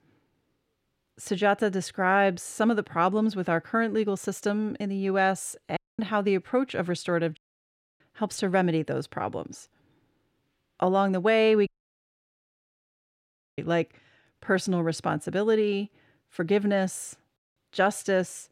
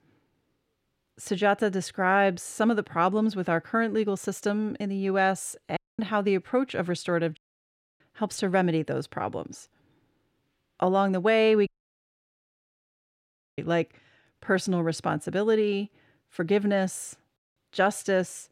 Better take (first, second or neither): neither